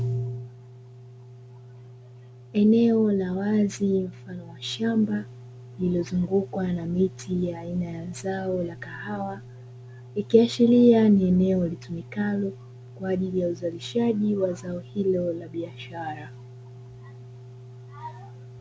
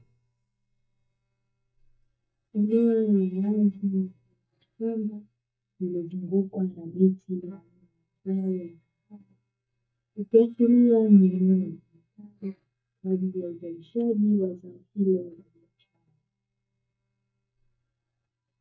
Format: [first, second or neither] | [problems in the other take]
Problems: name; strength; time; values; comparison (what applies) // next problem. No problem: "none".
first | noise reduction (neural mask model DeepFilterNet 3)